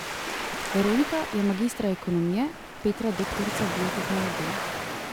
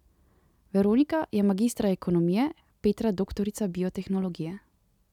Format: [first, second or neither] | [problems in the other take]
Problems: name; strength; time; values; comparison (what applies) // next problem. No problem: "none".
second | background sound (Waves, surf); 4 dB below the speech